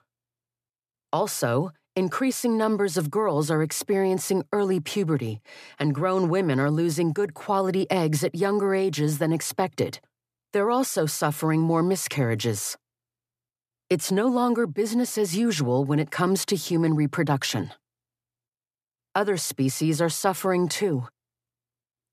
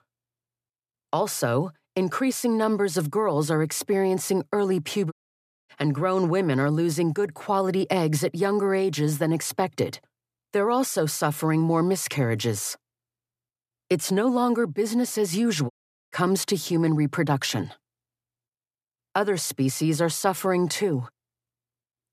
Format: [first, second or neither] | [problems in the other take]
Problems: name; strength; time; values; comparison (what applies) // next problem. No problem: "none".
first | audio cutting out; at 5 s for 0.5 s and at 16 s